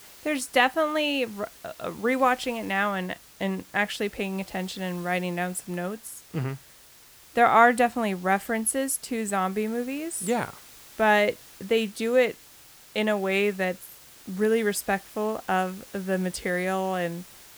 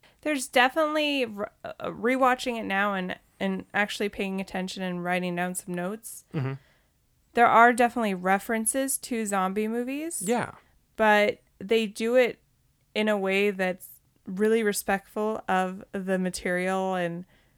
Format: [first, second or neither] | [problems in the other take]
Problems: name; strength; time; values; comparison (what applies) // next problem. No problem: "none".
second | hiss; faint; throughout; 20 dB below the speech